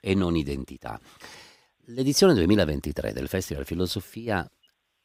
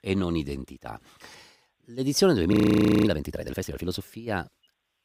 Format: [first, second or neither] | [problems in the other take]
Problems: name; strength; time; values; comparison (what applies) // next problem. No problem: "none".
first | audio freezing; at 2.5 s for 0.5 s